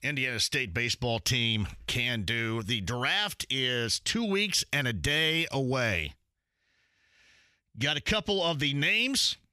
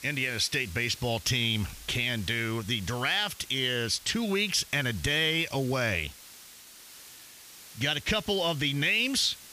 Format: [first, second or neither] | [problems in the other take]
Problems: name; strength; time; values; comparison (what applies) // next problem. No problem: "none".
first | hiss; noticeable; throughout; 20 dB below the speech